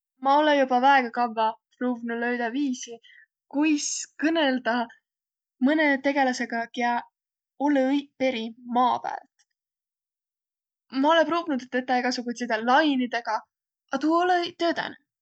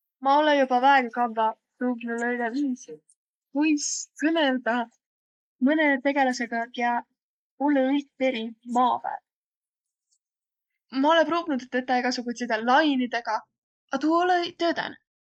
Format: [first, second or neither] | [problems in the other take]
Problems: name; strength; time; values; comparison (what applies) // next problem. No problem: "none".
first | noise reduction (neural mask model Resemble Enhance denoiser)